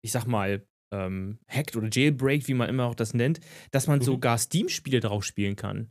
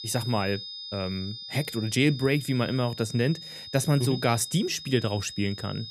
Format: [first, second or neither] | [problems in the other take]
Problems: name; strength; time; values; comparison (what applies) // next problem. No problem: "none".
first | high-pitched whine; noticeable; throughout; 5 kHz, 10 dB below the speech